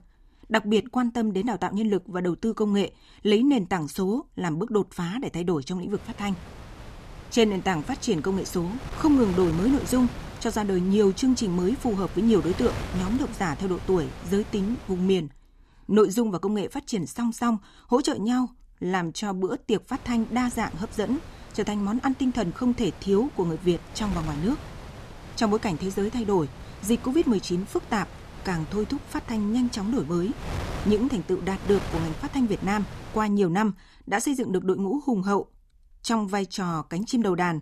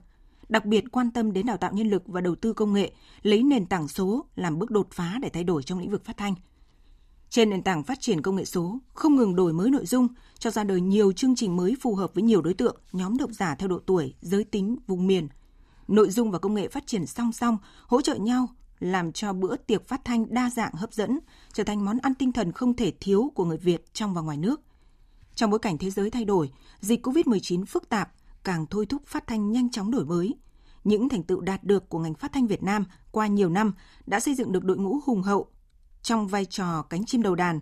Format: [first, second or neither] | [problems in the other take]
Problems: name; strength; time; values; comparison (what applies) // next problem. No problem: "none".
second | wind noise on the microphone; occasional gusts; from 6 to 15 s and from 20 to 33 s; 15 dB below the speech